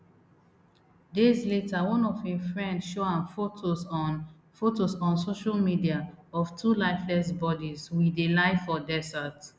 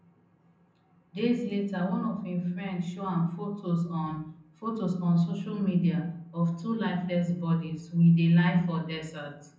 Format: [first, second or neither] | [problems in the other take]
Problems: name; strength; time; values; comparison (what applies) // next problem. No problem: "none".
first | room echo; dies away in 0.6 s